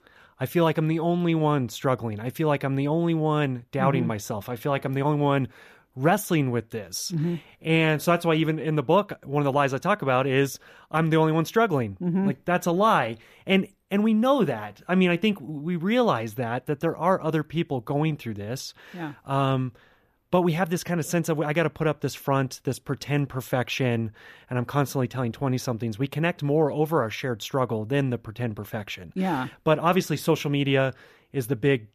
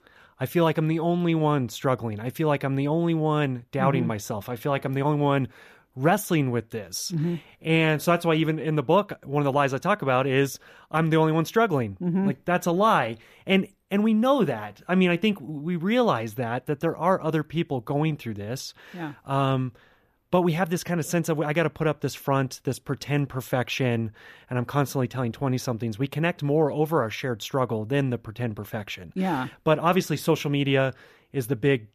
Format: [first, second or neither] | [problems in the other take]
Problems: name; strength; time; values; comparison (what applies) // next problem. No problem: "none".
neither | none